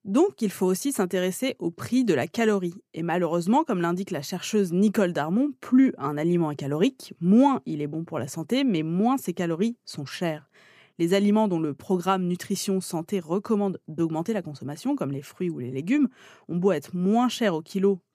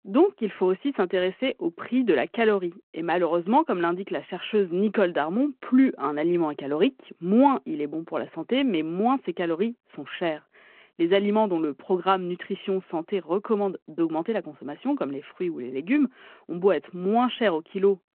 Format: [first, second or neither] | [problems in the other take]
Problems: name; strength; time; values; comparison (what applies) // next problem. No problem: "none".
first | phone-call audio